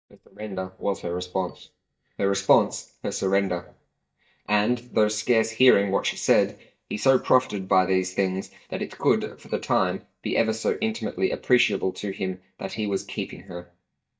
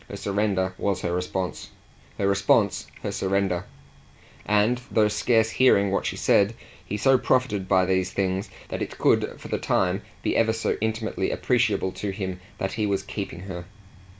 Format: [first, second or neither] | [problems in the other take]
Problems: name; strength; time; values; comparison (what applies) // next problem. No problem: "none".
second | noise reduction (neural mask model DeepFilterNet 3)